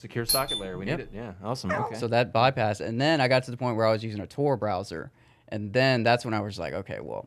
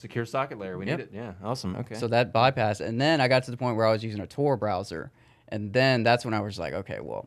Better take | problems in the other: second | doorbell; loud; at 0.5 s; peak 1 dB above the speech // dog barking; noticeable; at 1.5 s; peak 5 dB below the speech

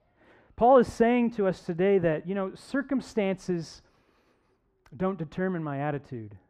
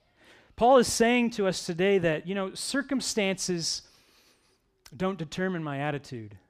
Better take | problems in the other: second | muffled; very; fading above 2.5 kHz

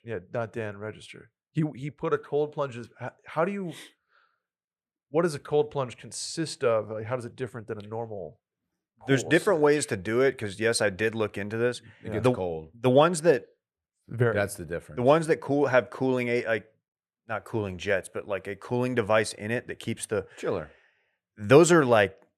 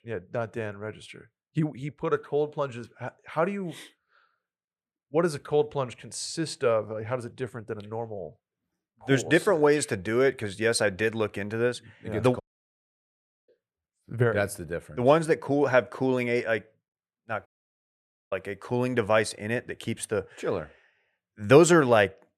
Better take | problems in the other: first | audio cutting out; at 12 s for 1 s and at 17 s for 1 s

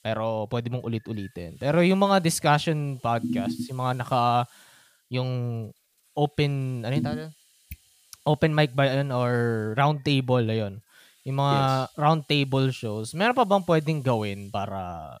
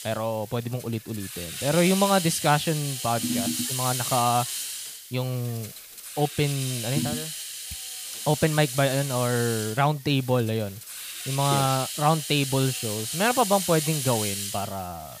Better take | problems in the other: first | hiss; loud; throughout; 5 dB below the speech; faint in the first

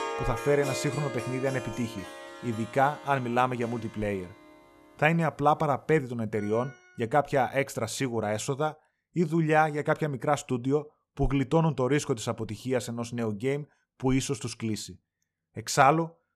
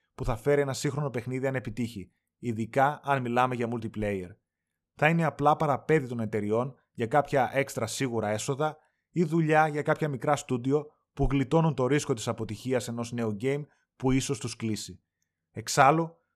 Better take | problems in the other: second | background music; noticeable; until 6.5 s; 10 dB below the speech

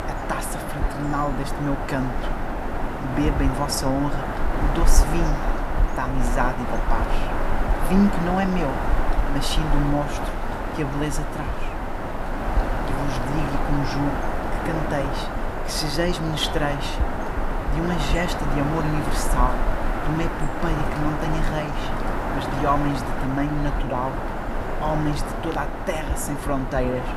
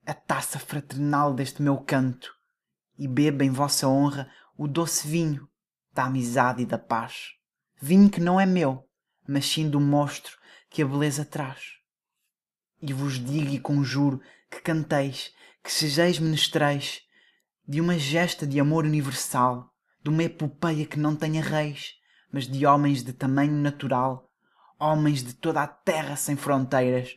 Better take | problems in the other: second | animal sounds; loud; throughout; 1 dB below the speech

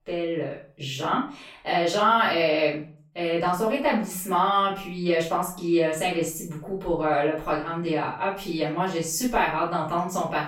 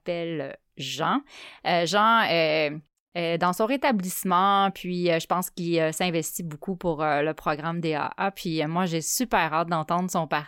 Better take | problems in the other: second | off-mic speech; far // room echo; noticeable; dies away in 0.4 s

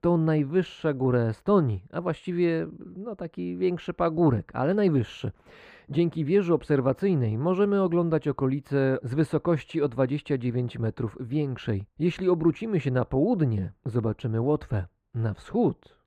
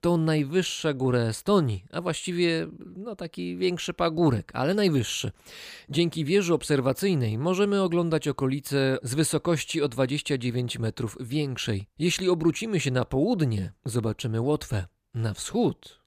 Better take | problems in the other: second | muffled; very; fading above 3 kHz

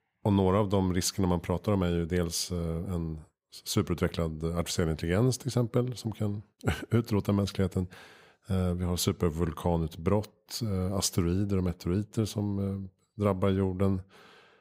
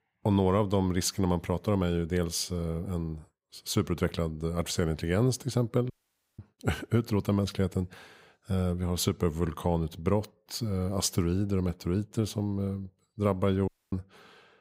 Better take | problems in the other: first | audio cutting out; at 6 s and at 14 s

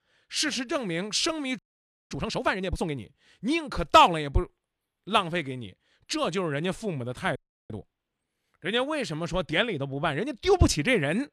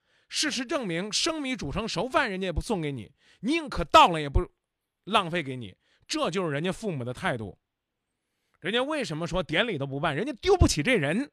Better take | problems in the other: second | audio freezing; at 1.5 s for 0.5 s and at 7.5 s

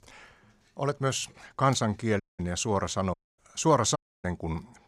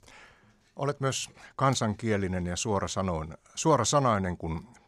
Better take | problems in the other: second | audio cutting out; at 2 s, at 3 s and at 4 s

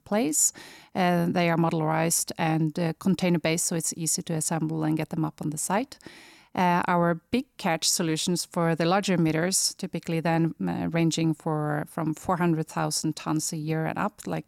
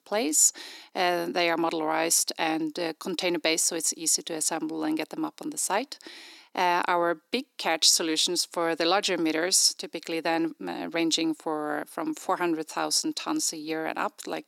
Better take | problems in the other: first | thin; somewhat; fading below 300 Hz

